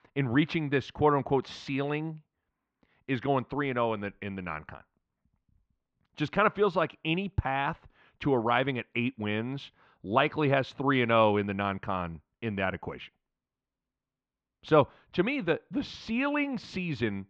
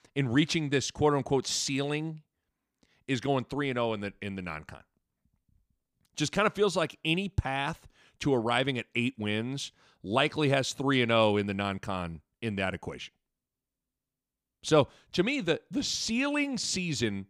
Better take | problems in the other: second | muffled; very; fading above 3 kHz

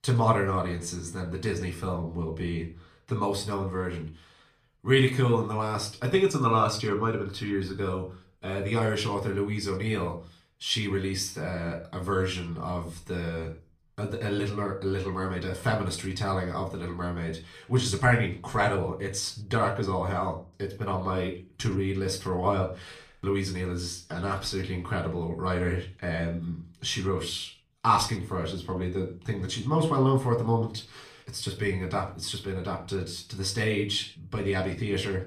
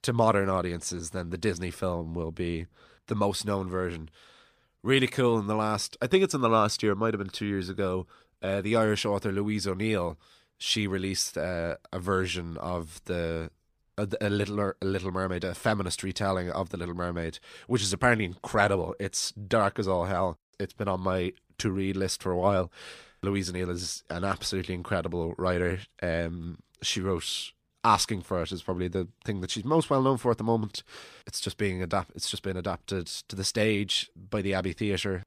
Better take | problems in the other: second | off-mic speech; far // room echo; very slight; dies away in 0.4 s

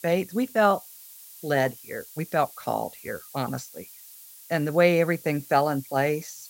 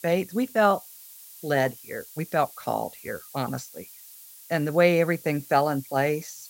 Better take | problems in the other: neither | hiss; noticeable; throughout; 20 dB below the speech; the same in both

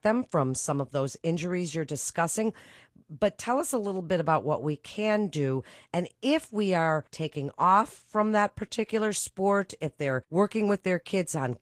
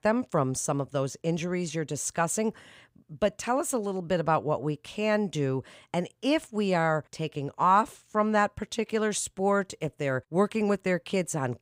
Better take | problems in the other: second | garbled, watery; slightly; nothing above 15.5 kHz

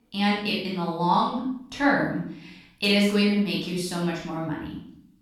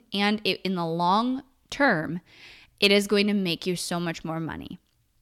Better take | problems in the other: second | off-mic speech; far // room echo; noticeable; dies away in 0.5 s

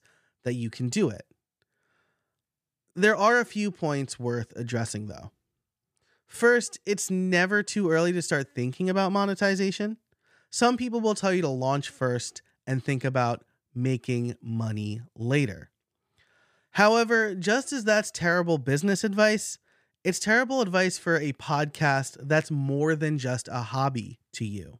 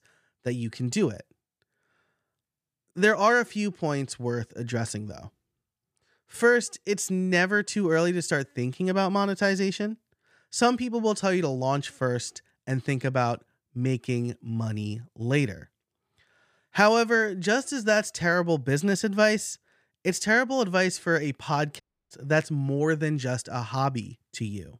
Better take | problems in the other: first | audio cutting out; at 22 s

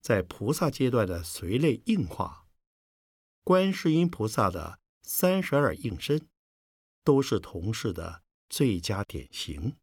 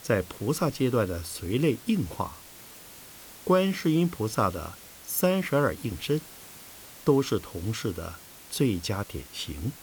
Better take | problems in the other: first | hiss; noticeable; throughout; 15 dB below the speech

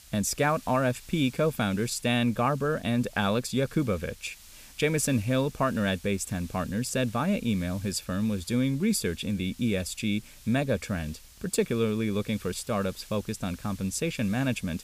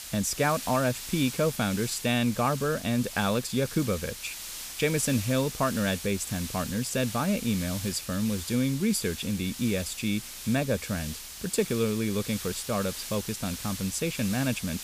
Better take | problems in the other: first | hiss; loud; throughout; 8 dB below the speech; faint in the first

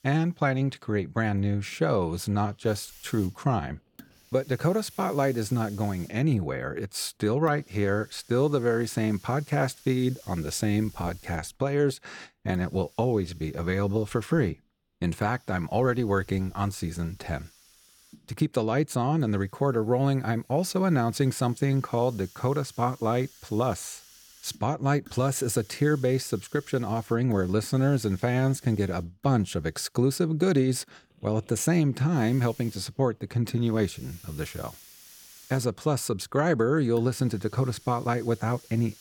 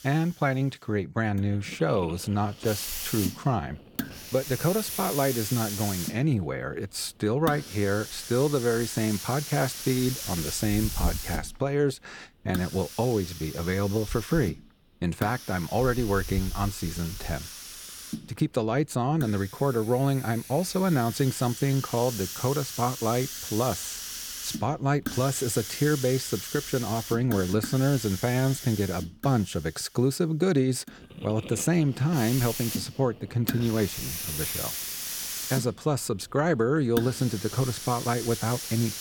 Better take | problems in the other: first | hiss; loud; throughout; 7 dB below the speech; faint in the first

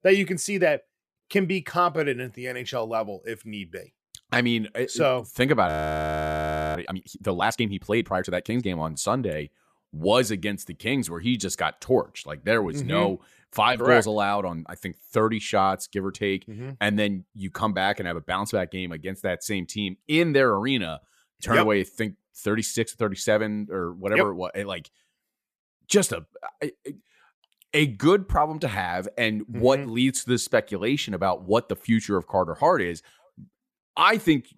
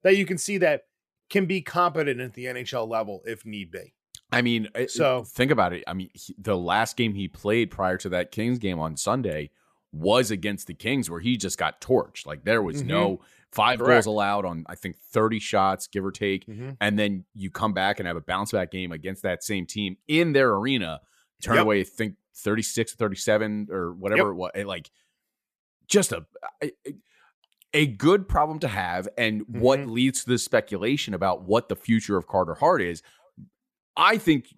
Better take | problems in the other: second | audio freezing; at 5.5 s for 1 s

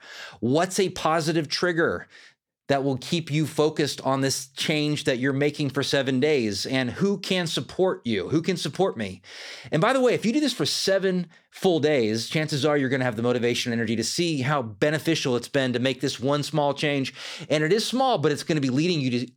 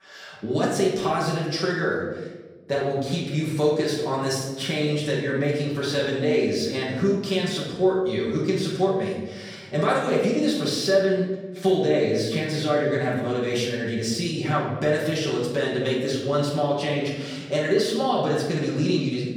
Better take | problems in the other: first | off-mic speech; far // room echo; noticeable; dies away in 1.1 s

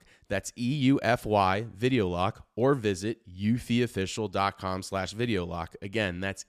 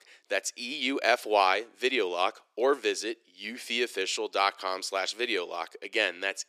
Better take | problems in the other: first | thin; very; fading below 350 Hz

